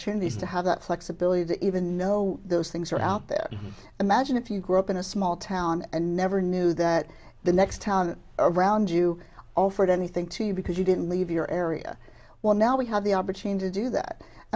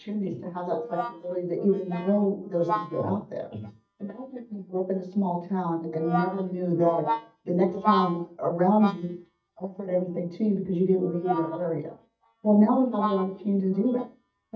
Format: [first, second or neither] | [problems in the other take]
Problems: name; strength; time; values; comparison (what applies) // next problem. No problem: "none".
first | noise reduction (neural mask model DeepFilterNet 3)